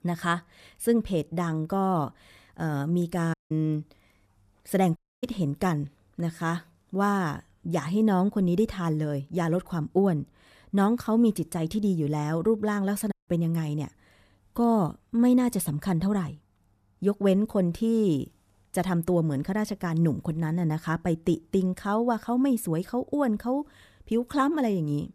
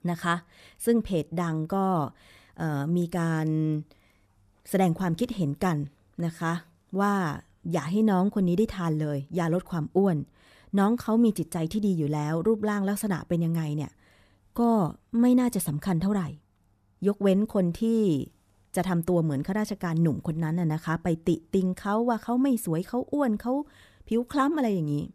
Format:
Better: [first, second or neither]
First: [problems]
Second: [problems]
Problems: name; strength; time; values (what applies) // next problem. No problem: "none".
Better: second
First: audio cutting out; at 3.5 s, at 5 s and at 13 s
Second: none